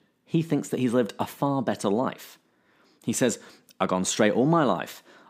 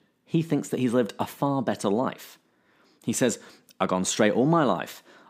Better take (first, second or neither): neither